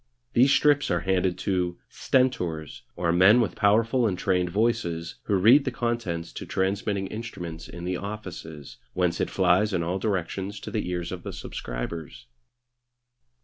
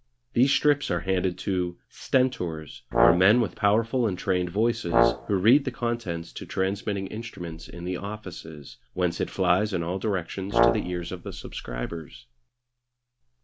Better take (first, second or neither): first